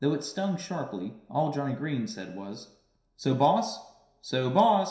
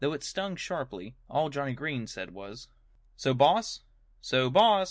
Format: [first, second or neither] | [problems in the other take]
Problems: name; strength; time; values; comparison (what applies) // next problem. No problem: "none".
second | room echo; dies away in 0.7 s